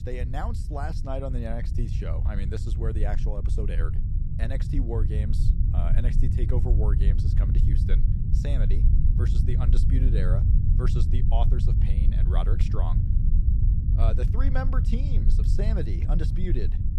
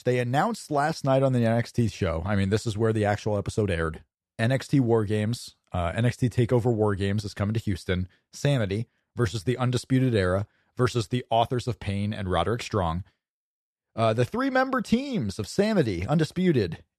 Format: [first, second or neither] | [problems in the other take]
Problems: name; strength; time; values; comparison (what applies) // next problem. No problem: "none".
second | low rumble; loud; throughout; 3 dB below the speech